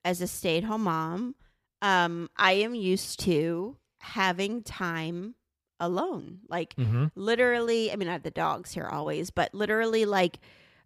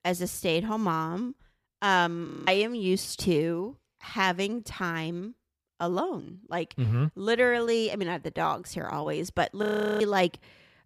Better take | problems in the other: first | audio freezing; at 2.5 s and at 9.5 s

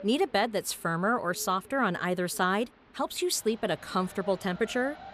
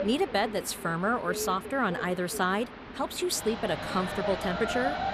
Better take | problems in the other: first | train or aircraft noise; loud; throughout; 7 dB below the speech; faint in the first

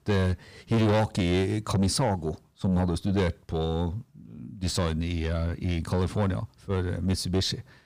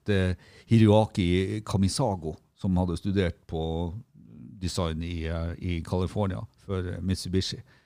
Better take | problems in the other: second | distortion; heavy; 7 dB below the speech

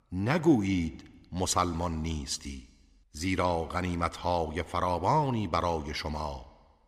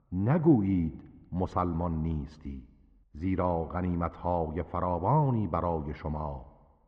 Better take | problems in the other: first | muffled; very; fading above 1 kHz

